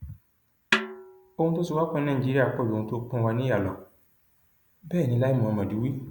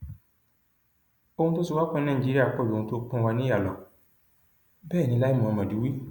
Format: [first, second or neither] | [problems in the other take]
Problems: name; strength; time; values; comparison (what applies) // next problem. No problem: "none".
second | background sound (Snare drum); 5 dB below the speech